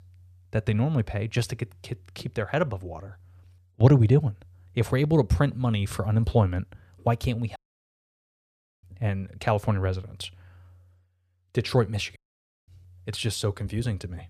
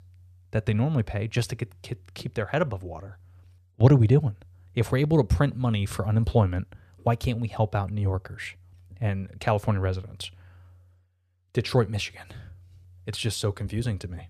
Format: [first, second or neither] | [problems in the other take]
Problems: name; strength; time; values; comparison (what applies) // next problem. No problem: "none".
second | audio cutting out; at 7.5 s for 1.5 s and at 12 s for 0.5 s